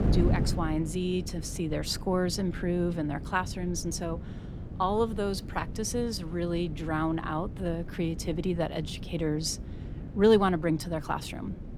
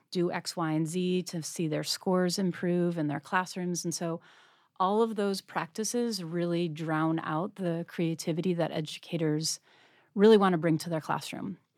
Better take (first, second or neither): second